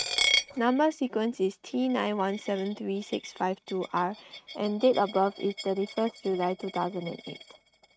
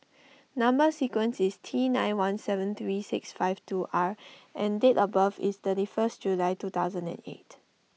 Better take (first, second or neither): second